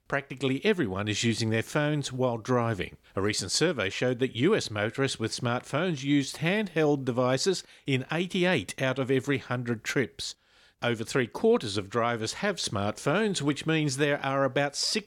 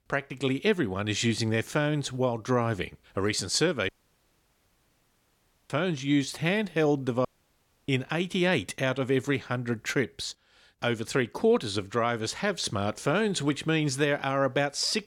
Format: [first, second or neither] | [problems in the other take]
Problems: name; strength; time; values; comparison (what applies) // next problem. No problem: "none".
first | audio cutting out; at 4 s for 2 s and at 7.5 s for 0.5 s